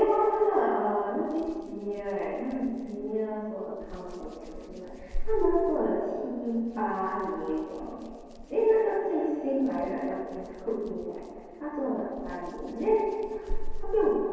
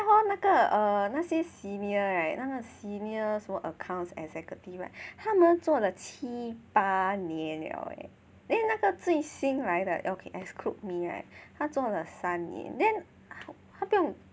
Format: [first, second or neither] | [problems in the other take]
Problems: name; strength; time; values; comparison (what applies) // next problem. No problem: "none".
second | noise reduction (neural separator model SepFormer DNS4)